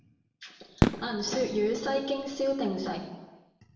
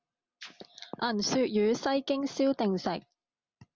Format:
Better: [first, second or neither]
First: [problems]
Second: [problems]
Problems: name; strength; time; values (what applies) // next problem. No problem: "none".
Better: second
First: background sound (Fireworks); 1 dB below the speech // room echo; dies away in 1 s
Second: none